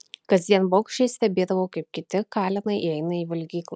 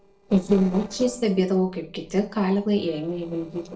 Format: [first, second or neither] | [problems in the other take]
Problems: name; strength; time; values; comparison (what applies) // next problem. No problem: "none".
first | noise reduction (neural separator model SepFormer DNS4)